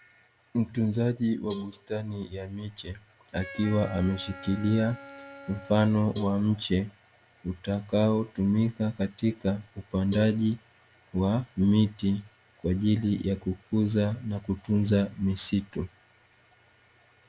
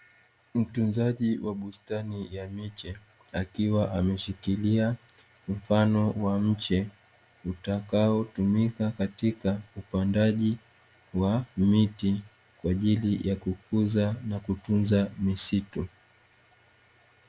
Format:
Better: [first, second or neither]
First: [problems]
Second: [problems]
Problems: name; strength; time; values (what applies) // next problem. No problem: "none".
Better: second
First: background sound (Wind instrument, woodwind instrument + Cowbell); 20 dB below the speech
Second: none